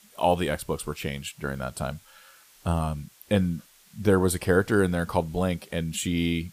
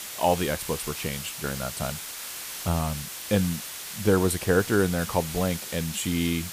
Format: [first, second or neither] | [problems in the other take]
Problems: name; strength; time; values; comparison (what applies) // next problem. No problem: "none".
first | hiss; loud; throughout; 7 dB below the speech; faint in the first